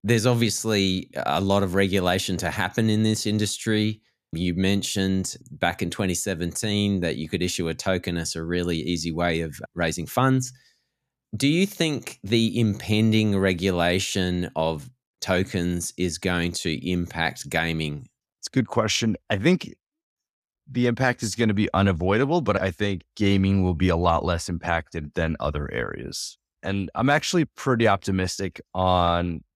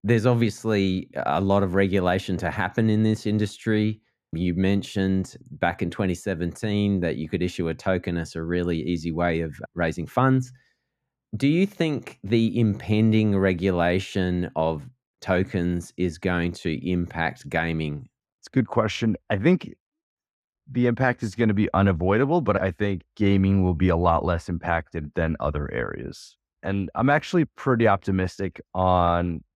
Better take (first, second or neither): first